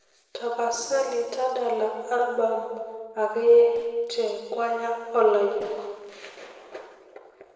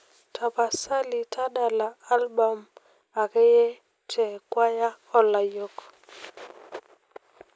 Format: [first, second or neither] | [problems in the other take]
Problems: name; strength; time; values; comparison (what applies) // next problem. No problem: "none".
second | noise reduction (neural separator model SepFormer DNS4)